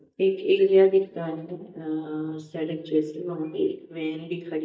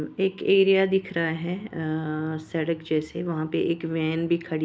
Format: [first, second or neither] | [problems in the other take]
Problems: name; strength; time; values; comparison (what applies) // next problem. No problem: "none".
second | noise reduction (neural mask model DeepFilterNet 3)